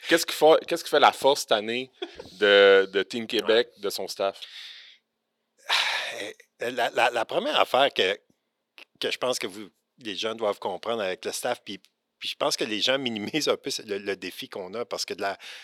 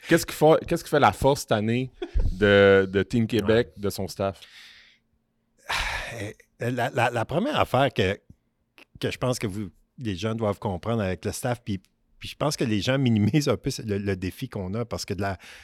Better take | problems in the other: second | thin; somewhat; fading below 450 Hz

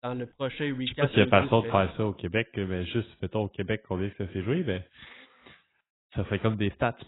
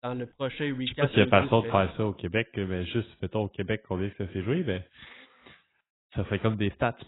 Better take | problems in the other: neither | garbled, watery; badly; nothing above 4 kHz; the same in both

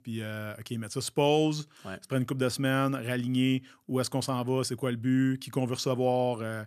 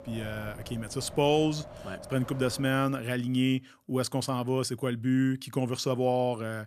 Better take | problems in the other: first | wind in the background; noticeable; until 2.5 s; 15 dB below the speech

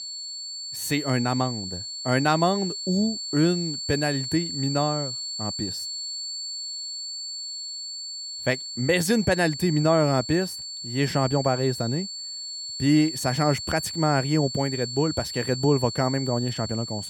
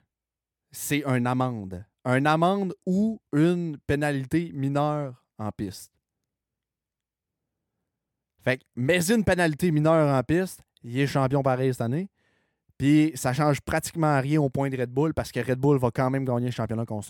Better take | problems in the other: second | high-pitched whine; loud; throughout; 4.5 kHz, 6 dB below the speech

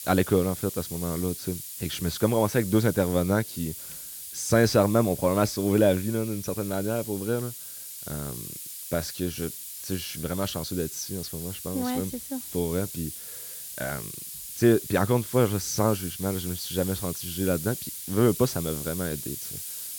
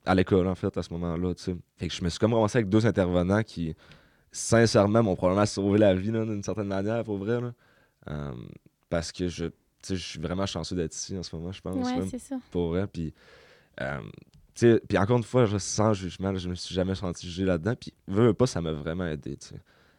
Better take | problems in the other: second | hiss; loud; throughout; 8 dB below the speech

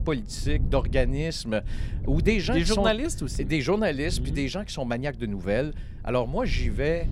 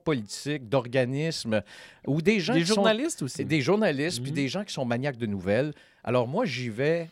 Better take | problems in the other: second | low rumble; faint; throughout; 20 dB below the speech

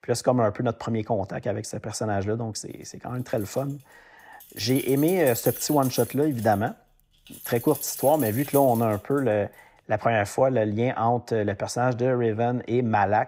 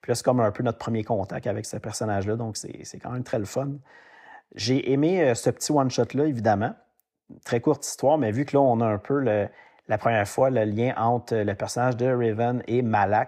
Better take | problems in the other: second | jangling keys; noticeable; from 3.5 to 9 s; peak 6 dB below the speech

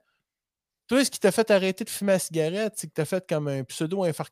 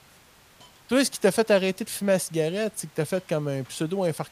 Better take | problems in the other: first | hiss; faint; throughout; 25 dB below the speech

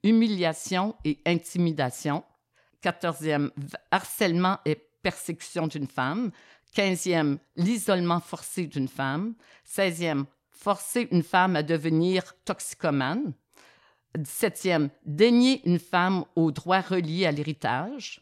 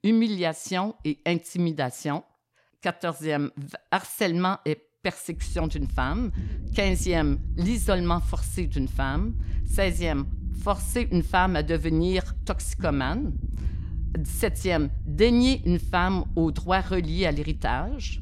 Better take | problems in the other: first | low rumble; faint; from 5.5 s on; 20 dB below the speech

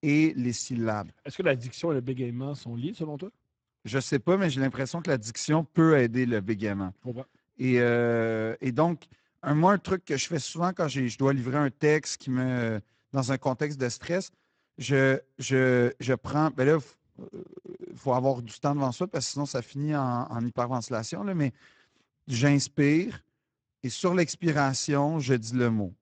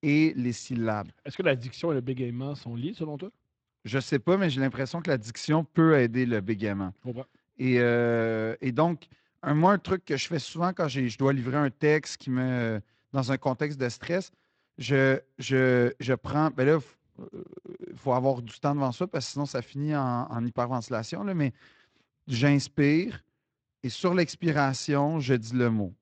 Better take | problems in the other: second | garbled, watery; badly; nothing above 8 kHz; slightly in the second

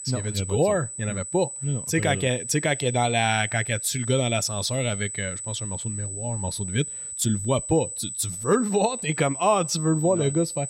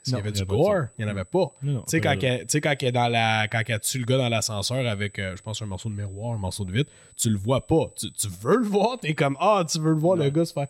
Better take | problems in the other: second | high-pitched whine; loud; throughout; 8 kHz, 7 dB below the speech; faint in the second

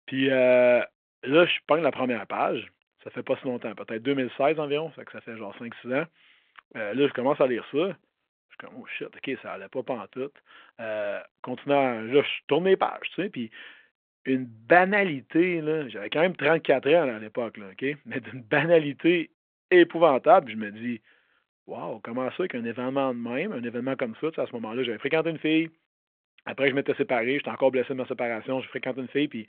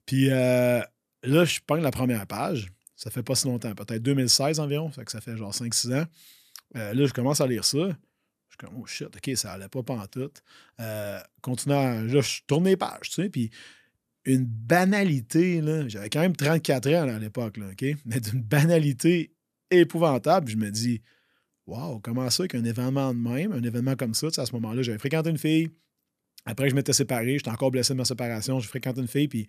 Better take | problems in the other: second | phone-call audio

